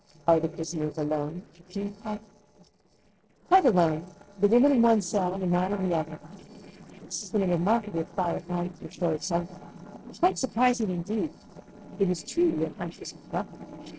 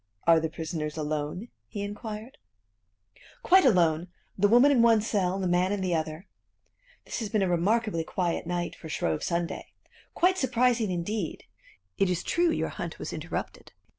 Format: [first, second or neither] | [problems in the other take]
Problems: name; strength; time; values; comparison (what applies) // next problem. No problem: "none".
second | noise reduction (neural separator model SepFormer DNS4)